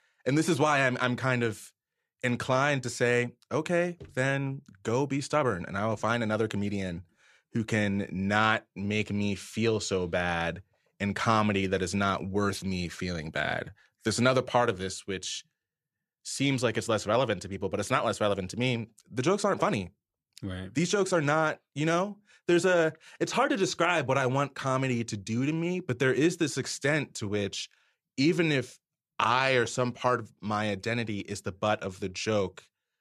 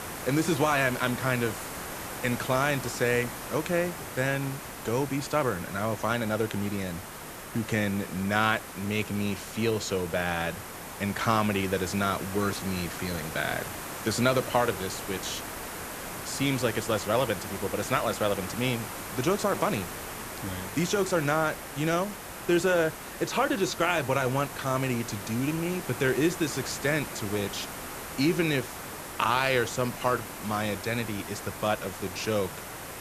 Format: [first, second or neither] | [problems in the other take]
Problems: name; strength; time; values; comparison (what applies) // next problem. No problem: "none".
first | hiss; loud; throughout; 9 dB below the speech